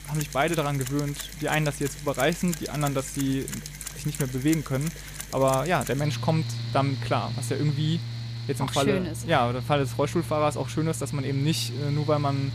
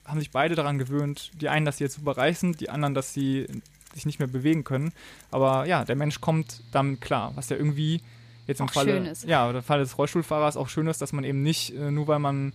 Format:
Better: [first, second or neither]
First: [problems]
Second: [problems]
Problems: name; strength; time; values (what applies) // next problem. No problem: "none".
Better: second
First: machinery noise; loud; throughout; 8 dB below the speech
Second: machinery noise; faint; throughout; 25 dB below the speech